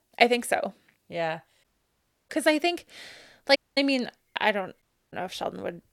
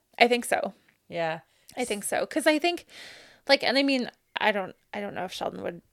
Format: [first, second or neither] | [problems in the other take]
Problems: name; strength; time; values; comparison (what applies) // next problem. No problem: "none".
second | audio cutting out; at 1.5 s for 0.5 s, at 3.5 s and at 5 s